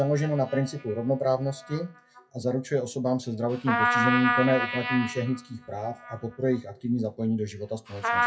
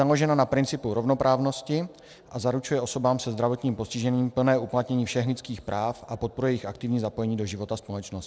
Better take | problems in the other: second | noise reduction (classical method WPE with log-MMSE)

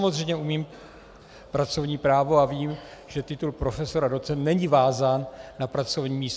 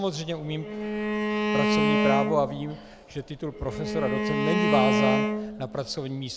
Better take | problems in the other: first | background sound (Bowed string instrument); 3 dB above the speech

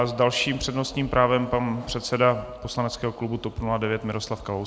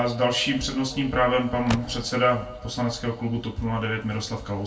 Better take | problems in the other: first | background sound (Car); 11 dB below the speech // room echo; dies away in 0.2 s

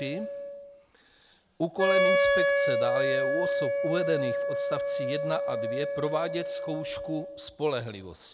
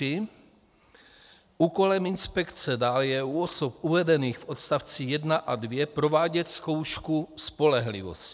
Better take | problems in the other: second | background sound (Wind instrument, woodwind instrument); 4 dB above the speech

